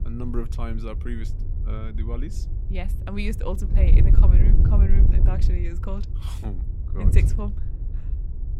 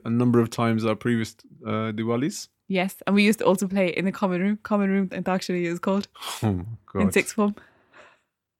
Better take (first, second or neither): second